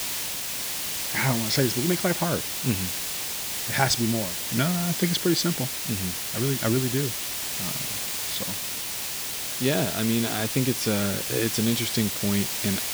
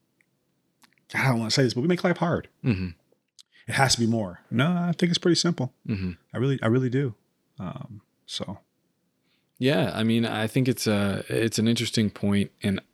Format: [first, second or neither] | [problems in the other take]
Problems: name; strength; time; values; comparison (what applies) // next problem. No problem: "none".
second | hiss; loud; throughout; 1 dB below the speech